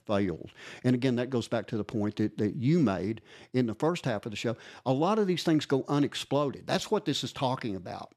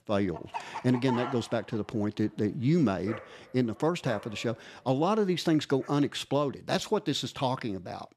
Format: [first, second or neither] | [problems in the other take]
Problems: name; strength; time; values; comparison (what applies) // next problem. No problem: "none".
first | animal sounds; noticeable; until 5.5 s; 15 dB below the speech